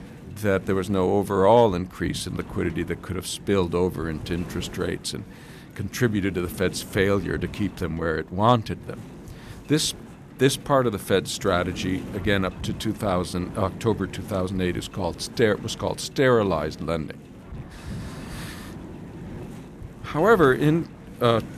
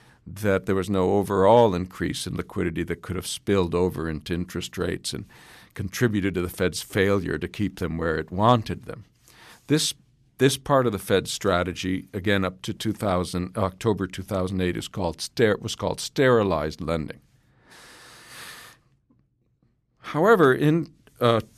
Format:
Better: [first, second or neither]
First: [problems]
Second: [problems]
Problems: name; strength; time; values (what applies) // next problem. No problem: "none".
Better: second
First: wind noise on the microphone; occasional gusts; 20 dB below the speech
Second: none